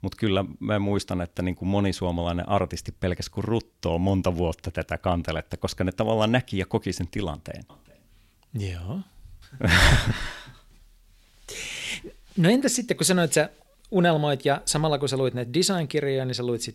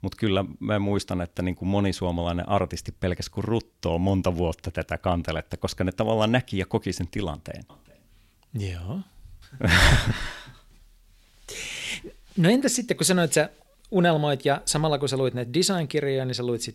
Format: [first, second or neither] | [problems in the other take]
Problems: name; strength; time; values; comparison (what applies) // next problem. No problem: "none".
neither | none